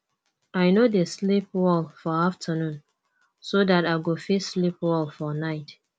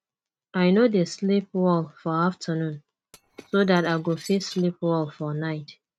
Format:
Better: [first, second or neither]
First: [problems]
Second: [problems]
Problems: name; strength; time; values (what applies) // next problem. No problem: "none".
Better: first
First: none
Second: noise reduction (neural mask model RNNoise)